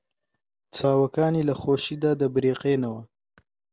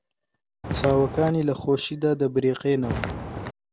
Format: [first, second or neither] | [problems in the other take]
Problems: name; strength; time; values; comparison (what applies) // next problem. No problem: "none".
first | background sound (Walk, footsteps); 5 dB below the speech